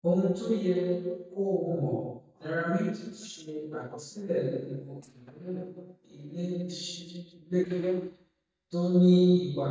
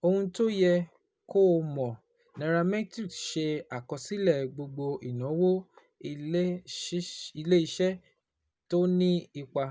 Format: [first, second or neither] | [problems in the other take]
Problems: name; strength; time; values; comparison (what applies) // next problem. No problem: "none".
second | noise reduction (neural mask model DeepFilterNet 3)